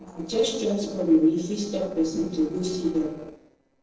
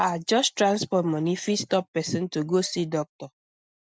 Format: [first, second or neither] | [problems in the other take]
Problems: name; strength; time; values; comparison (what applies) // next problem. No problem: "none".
second | noise reduction (neural separator model SepFormer DNS4)